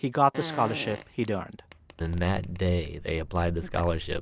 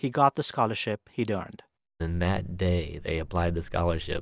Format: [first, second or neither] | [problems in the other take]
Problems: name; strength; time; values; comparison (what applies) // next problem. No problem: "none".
second | background sound (Fart); 15 dB below the speech